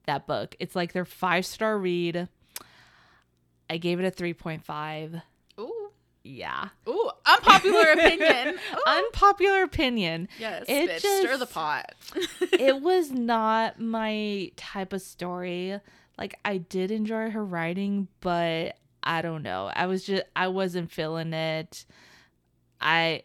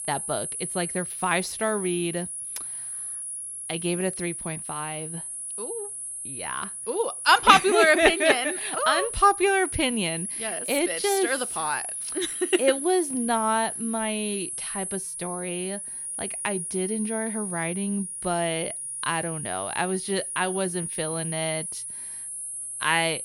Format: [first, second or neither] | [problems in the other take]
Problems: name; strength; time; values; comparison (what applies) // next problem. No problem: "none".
first | high-pitched whine; loud; throughout; 10.5 kHz, 6 dB below the speech